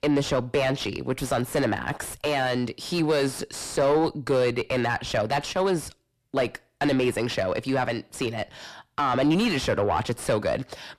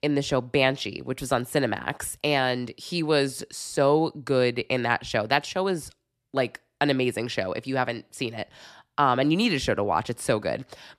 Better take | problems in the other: second | distortion; heavy; 6 dB below the speech

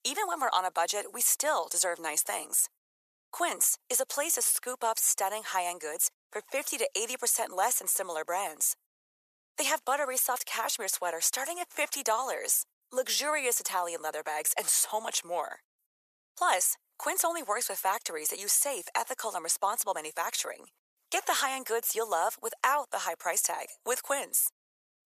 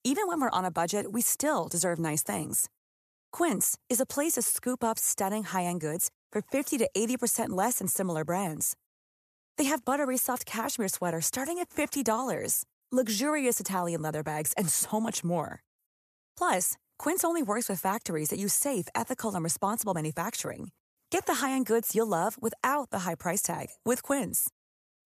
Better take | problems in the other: second | thin; very; fading below 550 Hz

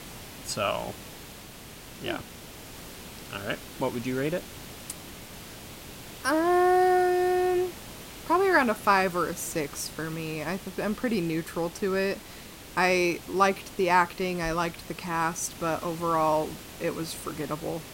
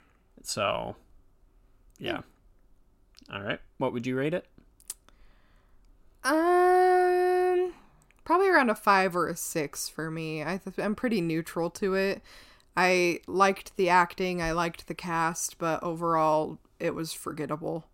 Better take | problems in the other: second | hiss; noticeable; throughout; 15 dB below the speech

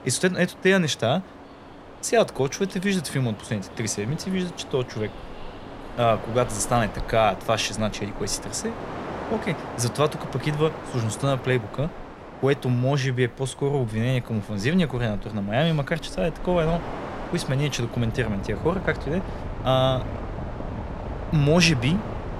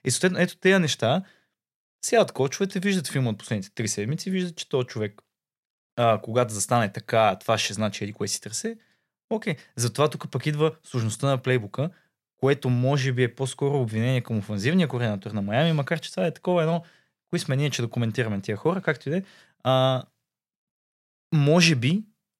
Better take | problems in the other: second | train or aircraft noise; noticeable; throughout; 10 dB below the speech

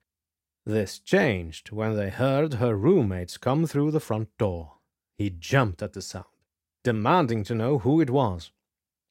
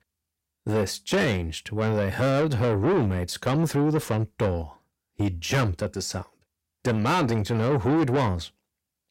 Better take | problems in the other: first | distortion; heavy; 7 dB below the speech

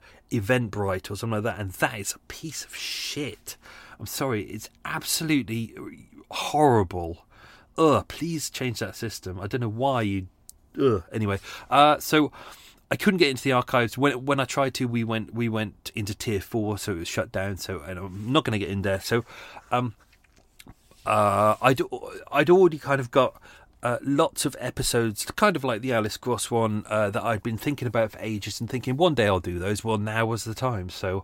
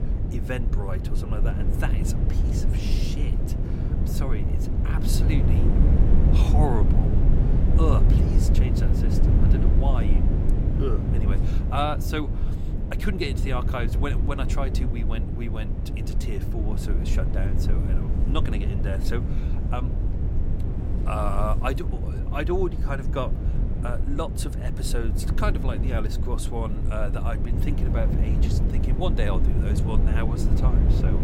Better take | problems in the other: first | low rumble; loud; throughout; 4 dB below the speech

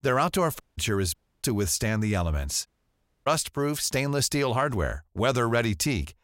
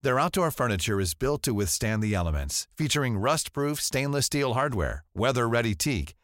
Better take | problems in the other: second | audio cutting out; at 0.5 s, at 1 s and at 2.5 s for 0.5 s

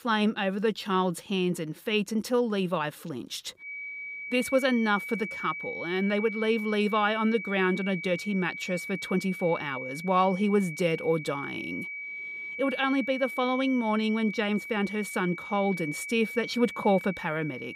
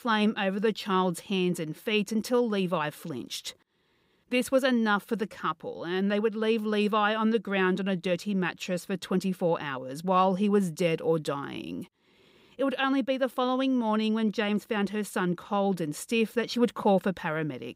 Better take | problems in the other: second | high-pitched whine; loud; from 3.5 s on; 2.5 kHz, 8 dB below the speech

